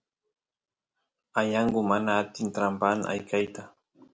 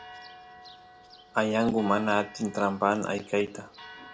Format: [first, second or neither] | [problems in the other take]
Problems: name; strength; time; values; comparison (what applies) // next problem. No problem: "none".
first | background sound (Church bell); 19 dB below the speech